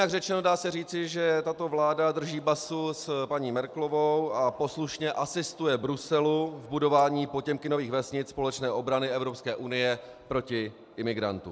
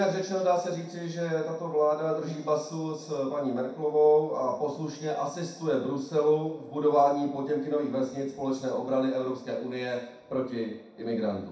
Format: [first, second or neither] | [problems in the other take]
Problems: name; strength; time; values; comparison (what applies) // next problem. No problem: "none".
first | room echo; dies away in 0.6 s